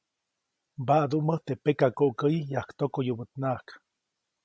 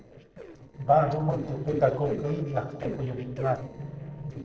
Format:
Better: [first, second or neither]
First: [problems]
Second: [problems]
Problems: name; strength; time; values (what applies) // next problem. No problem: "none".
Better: first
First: none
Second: noise reduction (neural separator model SepFormer DNS4)